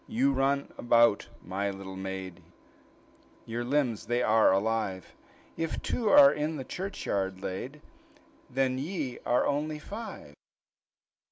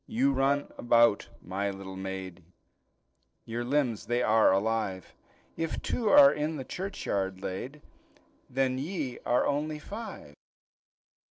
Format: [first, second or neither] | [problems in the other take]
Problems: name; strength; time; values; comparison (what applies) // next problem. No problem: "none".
first | noise reduction (neural separator model SepFormer DNS4)